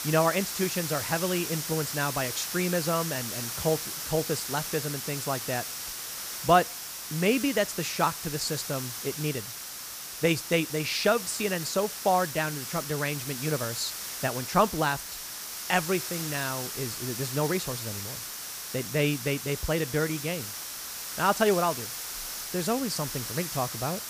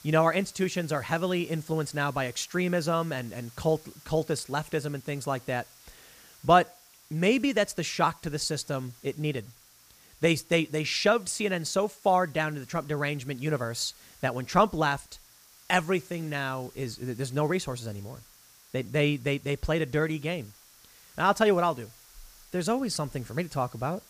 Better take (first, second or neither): second